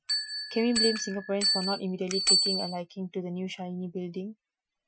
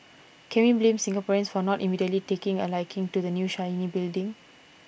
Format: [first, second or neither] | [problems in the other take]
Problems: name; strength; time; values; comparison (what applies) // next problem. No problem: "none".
second | noise reduction (classical method Wiener filter)